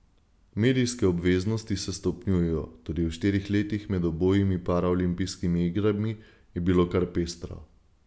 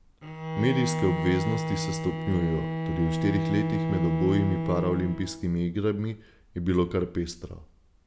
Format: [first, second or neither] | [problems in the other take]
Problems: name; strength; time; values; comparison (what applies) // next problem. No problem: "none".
first | background sound (Bowed string instrument); 3 dB below the speech